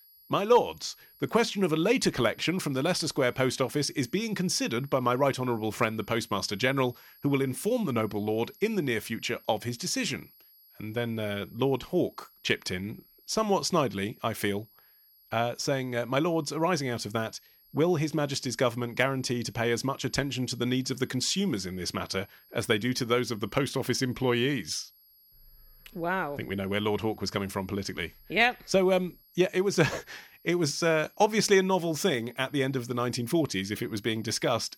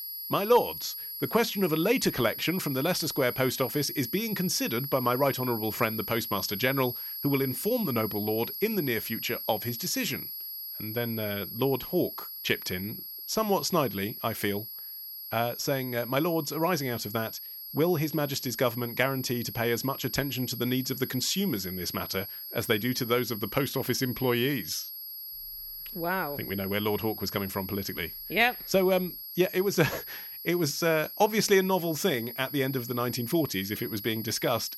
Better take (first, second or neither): first